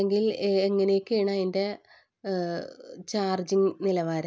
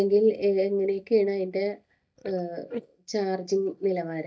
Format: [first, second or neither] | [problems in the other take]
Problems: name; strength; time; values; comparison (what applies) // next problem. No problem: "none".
first | noise reduction (neural mask model DeepFilterNet 3)